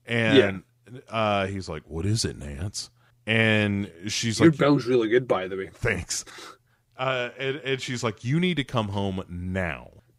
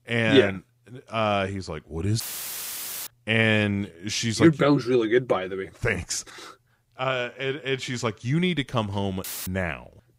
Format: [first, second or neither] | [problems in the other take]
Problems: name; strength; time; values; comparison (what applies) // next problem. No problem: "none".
first | audio cutting out; filled with static; at 2 s for 1 s and at 9 s